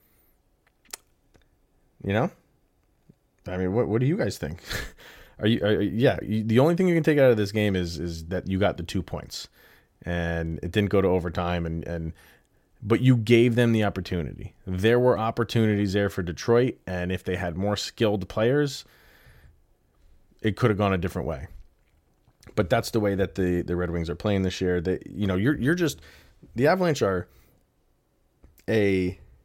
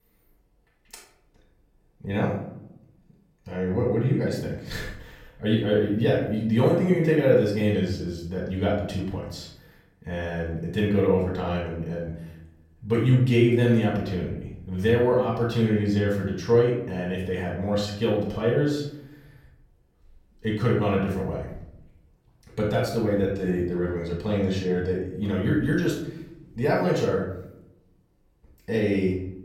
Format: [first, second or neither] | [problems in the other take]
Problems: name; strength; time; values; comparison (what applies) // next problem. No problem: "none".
first | off-mic speech; far // room echo; noticeable; dies away in 0.7 s